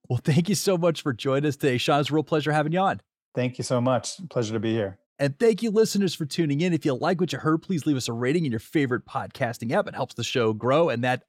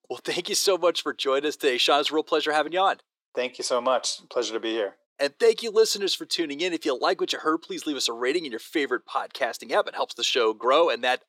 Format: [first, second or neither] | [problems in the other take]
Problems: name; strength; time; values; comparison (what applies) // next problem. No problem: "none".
first | thin; very; fading below 350 Hz